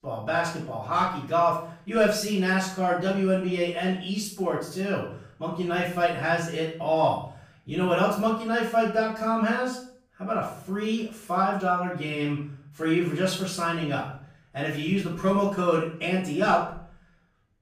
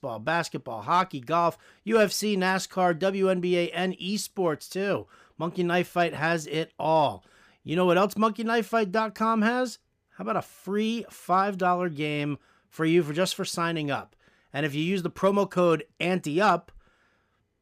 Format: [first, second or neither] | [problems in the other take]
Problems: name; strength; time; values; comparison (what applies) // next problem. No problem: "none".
second | room echo; noticeable; dies away in 0.5 s // off-mic speech; far